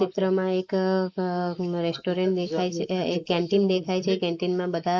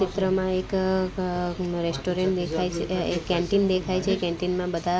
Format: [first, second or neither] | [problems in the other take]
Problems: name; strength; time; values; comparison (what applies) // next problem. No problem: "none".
second | noise reduction (neural mask model Resemble Enhance denoiser)